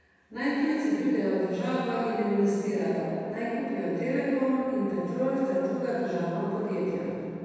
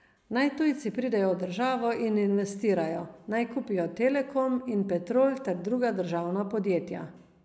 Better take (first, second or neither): second